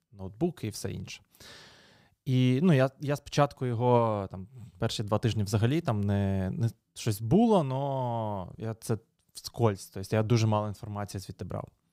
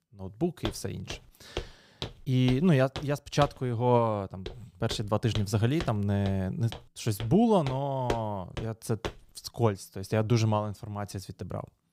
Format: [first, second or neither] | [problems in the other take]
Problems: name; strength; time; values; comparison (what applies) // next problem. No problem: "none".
first | footsteps; noticeable; from 0.5 to 9 s; peak 7 dB below the speech